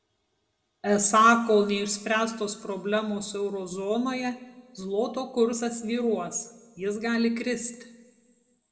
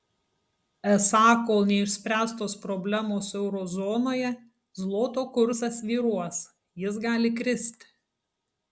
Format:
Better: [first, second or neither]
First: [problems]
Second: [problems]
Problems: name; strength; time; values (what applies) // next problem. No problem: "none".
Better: second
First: room echo; dies away in 1 s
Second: none